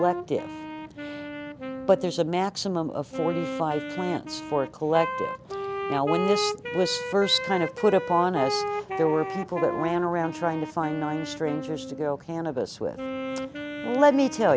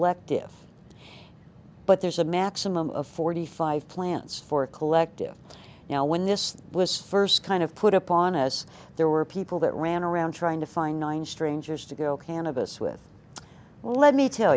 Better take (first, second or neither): second